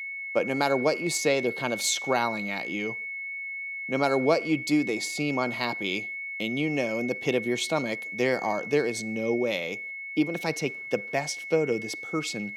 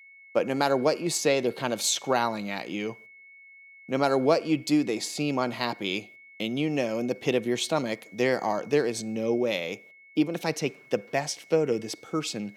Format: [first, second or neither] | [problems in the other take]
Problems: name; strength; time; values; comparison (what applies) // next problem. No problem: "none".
second | high-pitched whine; loud; throughout; 2 kHz, 6 dB below the speech; faint in the second